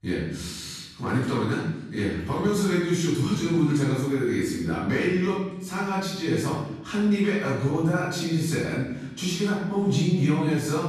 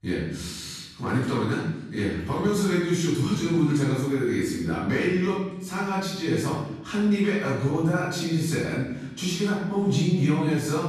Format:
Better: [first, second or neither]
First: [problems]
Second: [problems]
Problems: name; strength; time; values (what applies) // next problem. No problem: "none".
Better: neither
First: off-mic speech; far // room echo; noticeable; dies away in 1 s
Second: off-mic speech; far // room echo; noticeable; dies away in 1 s